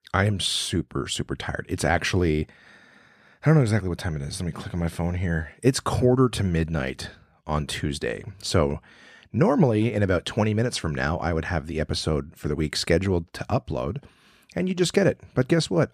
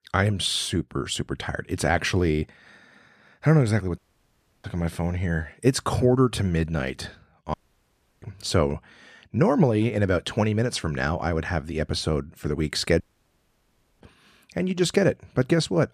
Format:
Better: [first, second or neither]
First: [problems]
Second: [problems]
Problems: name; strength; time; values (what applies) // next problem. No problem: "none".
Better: first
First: none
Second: audio cutting out; at 4 s for 0.5 s, at 7.5 s for 0.5 s and at 13 s for 1 s